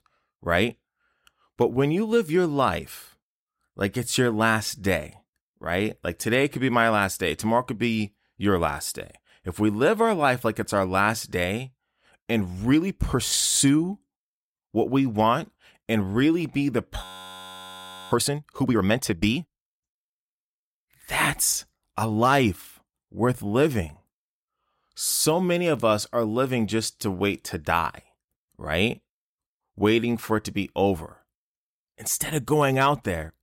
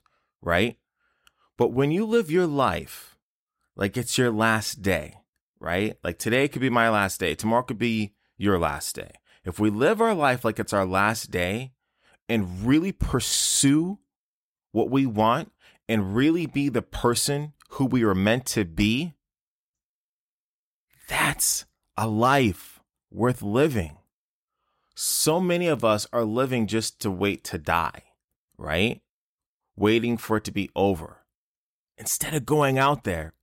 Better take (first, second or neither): second